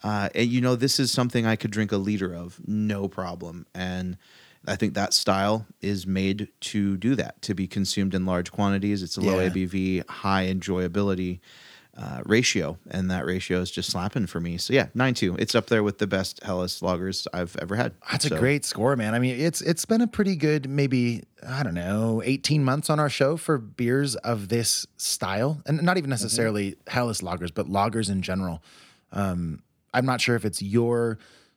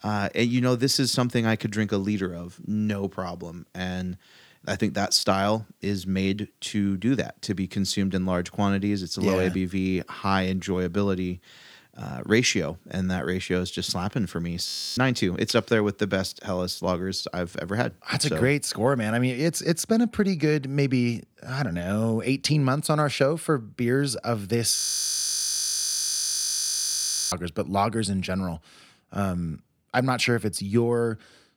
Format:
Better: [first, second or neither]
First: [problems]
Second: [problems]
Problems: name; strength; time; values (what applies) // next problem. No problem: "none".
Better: first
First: none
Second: audio freezing; at 15 s and at 25 s for 2.5 s